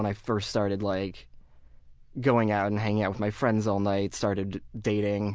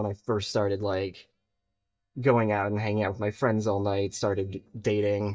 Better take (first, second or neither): first